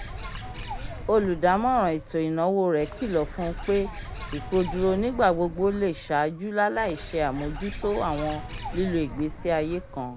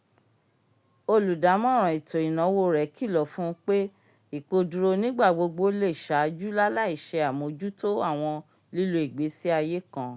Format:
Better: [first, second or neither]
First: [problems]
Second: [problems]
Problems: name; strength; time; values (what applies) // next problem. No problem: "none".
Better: second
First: background sound (Bird); 11 dB below the speech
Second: none